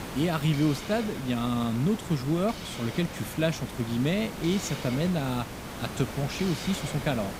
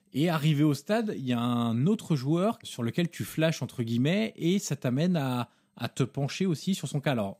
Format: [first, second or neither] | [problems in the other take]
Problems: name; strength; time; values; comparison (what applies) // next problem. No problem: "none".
second | hiss; loud; throughout; 9 dB below the speech